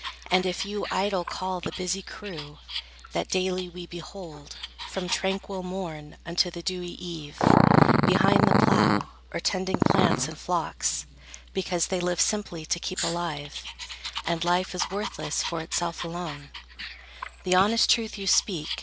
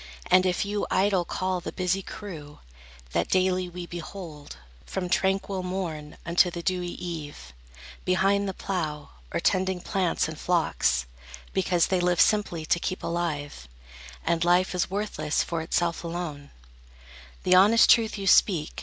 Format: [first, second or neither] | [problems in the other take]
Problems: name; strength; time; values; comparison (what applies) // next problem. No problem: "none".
second | background sound (Growling); as loud as the speech